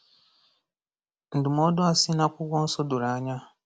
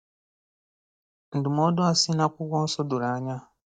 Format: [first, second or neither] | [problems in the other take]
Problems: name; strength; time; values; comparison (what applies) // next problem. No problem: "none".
first | noise reduction (neural mask model DeepFilterNet 3)